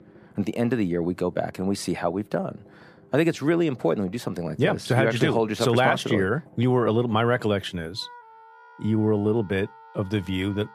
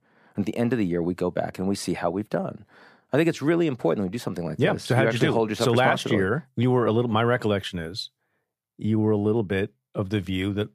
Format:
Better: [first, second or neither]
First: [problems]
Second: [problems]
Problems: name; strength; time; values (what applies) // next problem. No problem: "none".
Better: second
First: background music; faint; throughout; 25 dB below the speech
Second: none